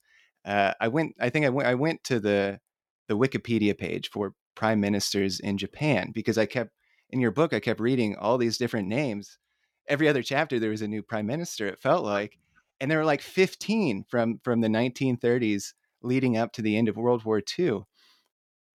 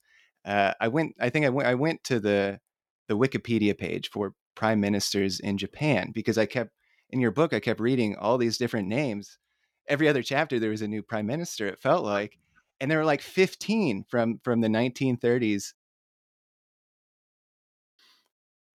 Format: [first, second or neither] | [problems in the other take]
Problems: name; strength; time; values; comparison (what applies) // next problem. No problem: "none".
first | audio cutting out; at 16 s for 2 s